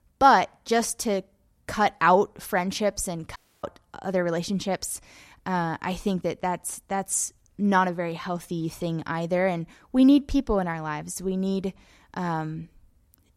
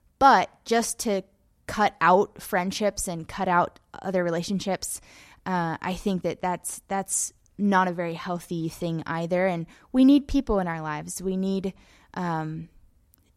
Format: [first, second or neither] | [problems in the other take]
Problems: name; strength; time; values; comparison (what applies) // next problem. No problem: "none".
second | audio cutting out; at 3.5 s